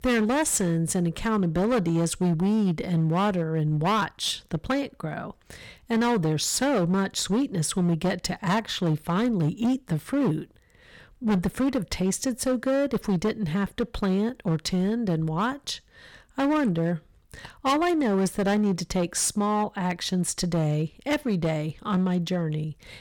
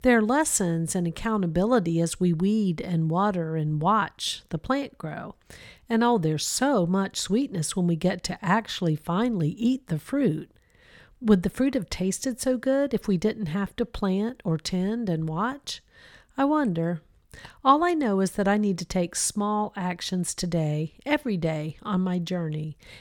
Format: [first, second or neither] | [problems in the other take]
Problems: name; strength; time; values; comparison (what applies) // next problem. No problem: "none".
second | distortion; slight; 12% of the sound clipped